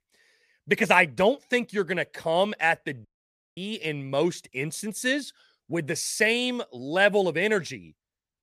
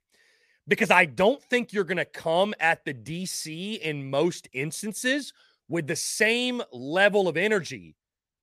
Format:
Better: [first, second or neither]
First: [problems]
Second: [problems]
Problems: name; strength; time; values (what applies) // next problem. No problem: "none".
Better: second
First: audio cutting out; at 3 s for 0.5 s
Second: none